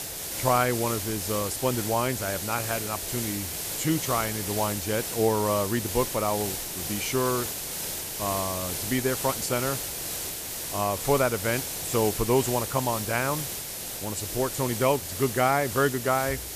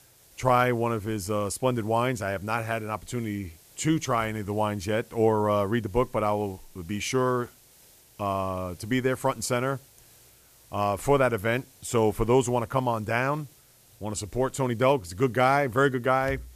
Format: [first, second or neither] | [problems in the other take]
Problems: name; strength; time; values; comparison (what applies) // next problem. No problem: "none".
second | hiss; loud; throughout; 3 dB below the speech; faint in the second